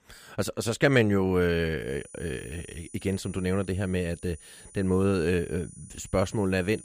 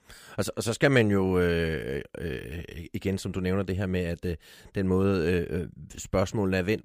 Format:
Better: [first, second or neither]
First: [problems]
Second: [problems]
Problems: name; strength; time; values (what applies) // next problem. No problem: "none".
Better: second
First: high-pitched whine; faint; from 2 s on; 9.5 kHz, 20 dB below the speech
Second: none